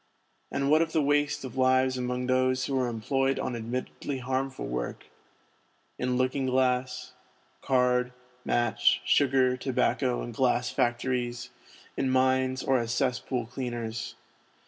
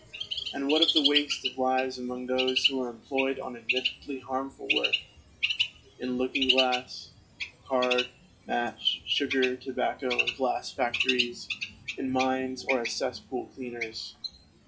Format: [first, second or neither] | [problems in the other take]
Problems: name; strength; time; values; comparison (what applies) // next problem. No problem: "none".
first | noise reduction (classical method log-MMSE)